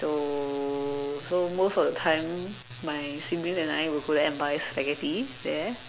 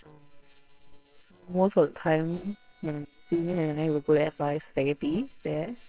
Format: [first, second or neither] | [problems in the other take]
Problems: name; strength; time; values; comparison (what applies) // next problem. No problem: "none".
first | noise reduction (neural separator model SepFormer WHAMR!)